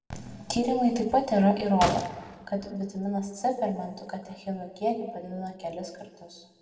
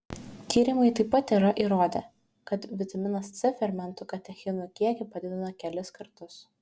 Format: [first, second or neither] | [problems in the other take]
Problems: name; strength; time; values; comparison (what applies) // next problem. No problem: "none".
second | background sound (Gunshot, gunfire); 9 dB below the speech // room echo; dies away in 1.5 s